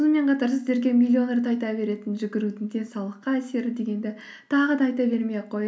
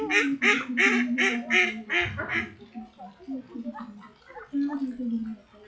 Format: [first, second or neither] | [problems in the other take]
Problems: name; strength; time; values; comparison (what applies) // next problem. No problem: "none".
first | noise reduction (classical method WPE with log-MMSE)